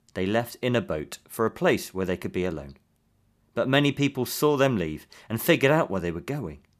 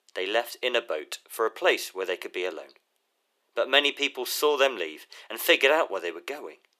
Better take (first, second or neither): first